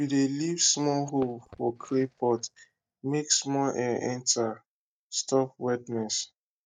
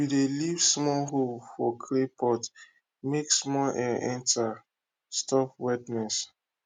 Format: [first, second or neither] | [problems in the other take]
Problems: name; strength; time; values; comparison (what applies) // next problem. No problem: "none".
second | noise reduction (neural mask model DeepFilterNet 3)